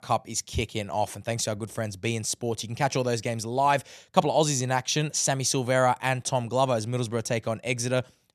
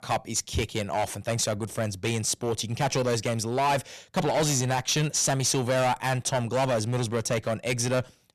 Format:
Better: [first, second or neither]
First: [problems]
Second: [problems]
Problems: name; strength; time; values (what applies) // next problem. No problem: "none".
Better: first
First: none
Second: distortion; heavy; 12% of the sound clipped